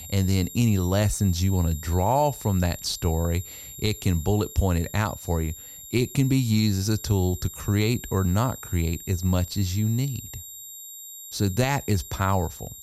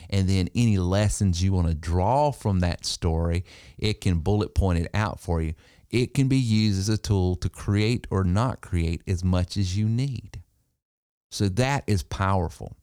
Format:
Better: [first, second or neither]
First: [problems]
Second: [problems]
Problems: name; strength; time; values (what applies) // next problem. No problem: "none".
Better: second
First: high-pitched whine; noticeable; throughout; 7.5 kHz, 15 dB below the speech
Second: none